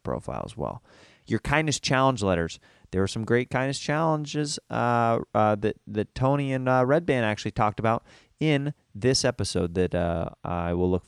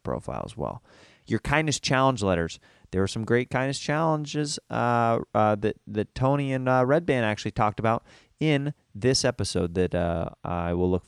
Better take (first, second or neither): neither